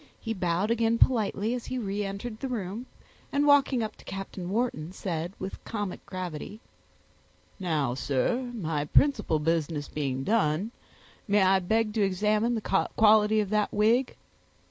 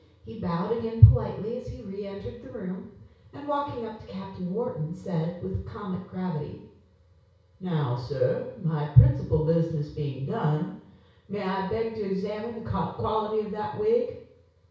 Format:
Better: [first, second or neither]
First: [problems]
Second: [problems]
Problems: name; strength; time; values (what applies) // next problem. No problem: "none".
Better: first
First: none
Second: room echo; dies away in 0.6 s